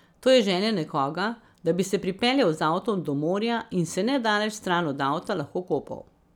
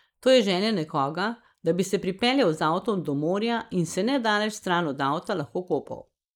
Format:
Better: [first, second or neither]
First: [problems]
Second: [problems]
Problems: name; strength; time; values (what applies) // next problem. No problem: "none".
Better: first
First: none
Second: noise reduction (neural mask model Resemble Enhance denoiser)